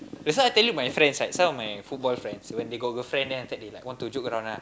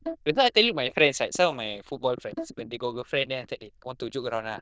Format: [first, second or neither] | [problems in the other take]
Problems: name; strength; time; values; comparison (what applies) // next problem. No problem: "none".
first | noise reduction (neural diffusion model UNIVERSE++)